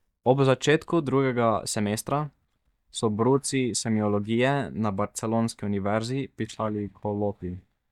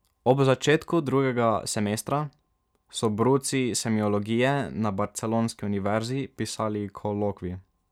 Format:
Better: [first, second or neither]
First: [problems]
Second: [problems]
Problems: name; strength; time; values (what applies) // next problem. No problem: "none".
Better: second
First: noise reduction (neural mask model DeepFilterNet 3)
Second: none